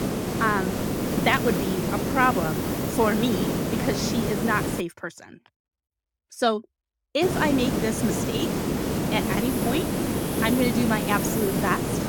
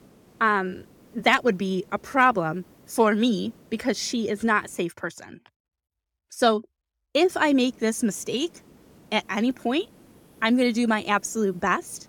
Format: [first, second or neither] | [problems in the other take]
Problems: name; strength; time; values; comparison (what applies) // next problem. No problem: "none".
second | hiss; loud; until 5 s and from 7 s on; as loud as the speech; faint in the second